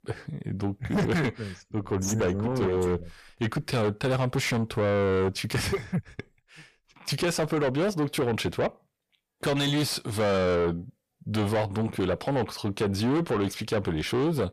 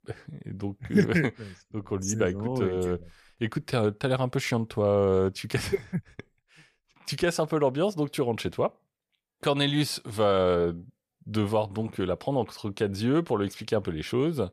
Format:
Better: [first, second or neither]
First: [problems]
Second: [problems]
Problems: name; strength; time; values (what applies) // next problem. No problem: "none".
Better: second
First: distortion; heavy; 7 dB below the speech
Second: none